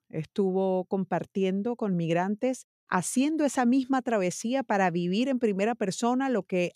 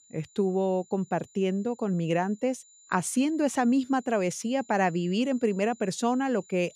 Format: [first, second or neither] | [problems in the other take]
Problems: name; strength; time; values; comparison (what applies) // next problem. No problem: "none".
first | high-pitched whine; faint; throughout; 7 kHz, 25 dB below the speech